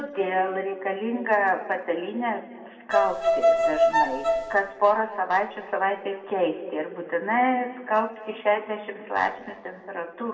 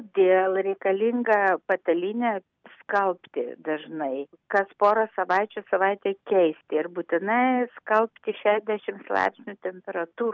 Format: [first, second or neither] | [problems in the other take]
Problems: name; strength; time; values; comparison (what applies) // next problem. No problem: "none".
second | background sound (Bowed string instrument); 4 dB above the speech // room echo; dies away in 1.4 s